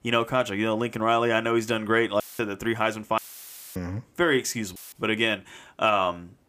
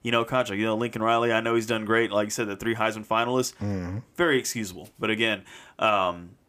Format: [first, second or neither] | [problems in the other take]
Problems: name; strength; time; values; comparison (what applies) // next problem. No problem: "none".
second | audio cutting out; filled with static; at 2 s, at 3 s for 0.5 s and at 5 s